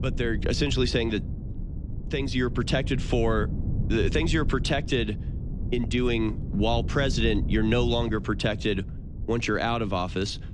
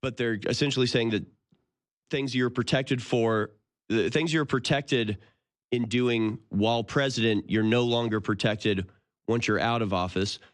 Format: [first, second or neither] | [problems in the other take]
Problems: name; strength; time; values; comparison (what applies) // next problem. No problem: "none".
second | wind noise on the microphone; occasional gusts; 15 dB below the speech